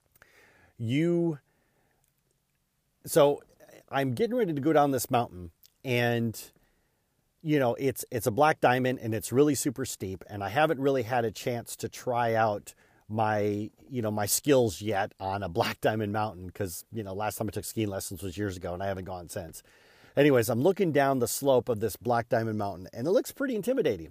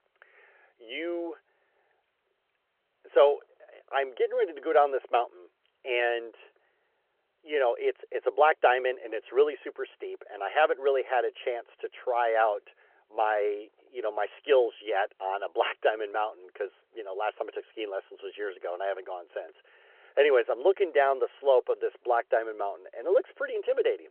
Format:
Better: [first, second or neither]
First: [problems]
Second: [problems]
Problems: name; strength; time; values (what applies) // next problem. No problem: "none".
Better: first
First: none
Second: phone-call audio